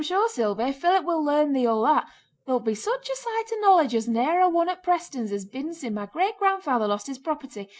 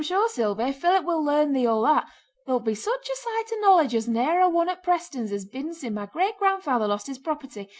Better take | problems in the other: second | noise reduction (neural mask model Resemble Enhance denoiser)

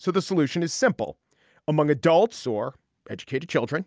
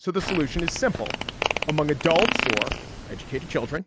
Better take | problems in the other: first | background sound (Fart); 2 dB below the speech

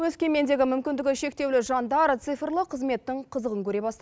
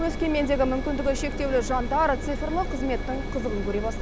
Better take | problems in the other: first | background sound (Engine); 3 dB below the speech

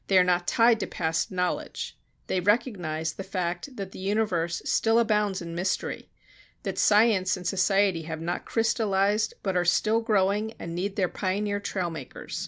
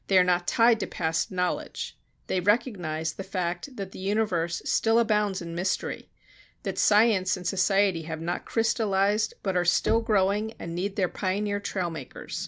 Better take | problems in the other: first | background sound (Knock); 13 dB below the speech

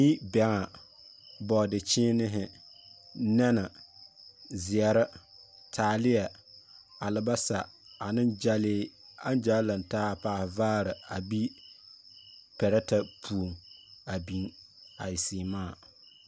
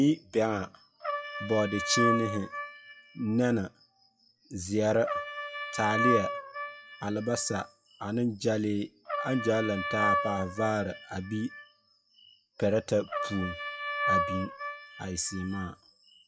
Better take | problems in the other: first | noise reduction (classical method WPE with log-MMSE)

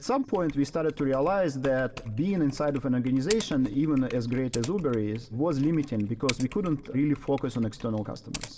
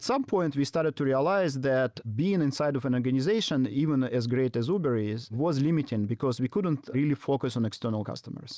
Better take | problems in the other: second | background sound (Typing); 16 dB below the speech // room echo; dies away in 2.4 s

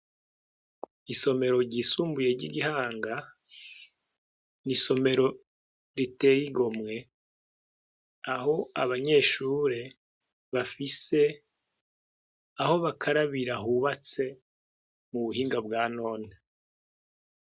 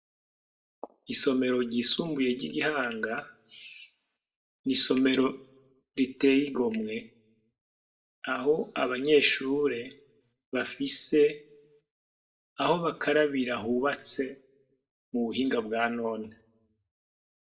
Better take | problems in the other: first | room echo; dies away in 0.3 s

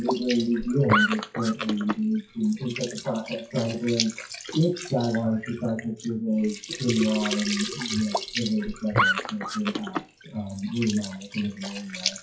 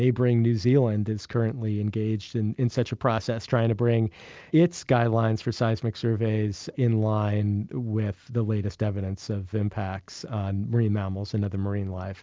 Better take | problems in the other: second | noise reduction (classical method WPE with log-MMSE)

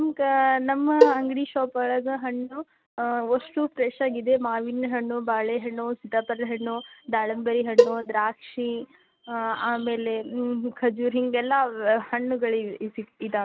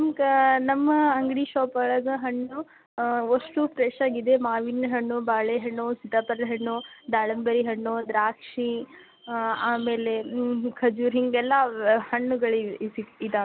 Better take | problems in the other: second | noise reduction (neural mask model RNNoise)

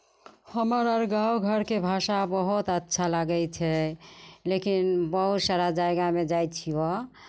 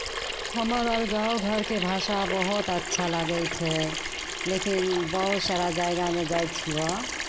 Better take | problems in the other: first | background sound (Sink (filling or washing) / Water tap, faucet); 4 dB below the speech

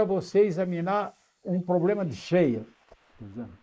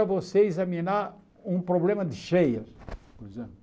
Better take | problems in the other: second | noise reduction (neural mask model Resemble Enhance denoiser)

